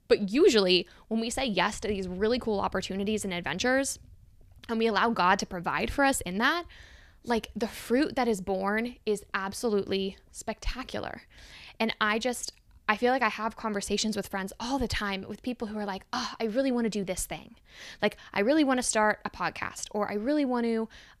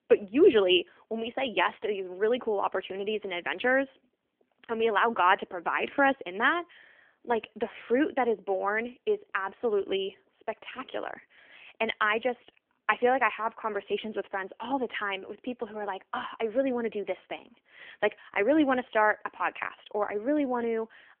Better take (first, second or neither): first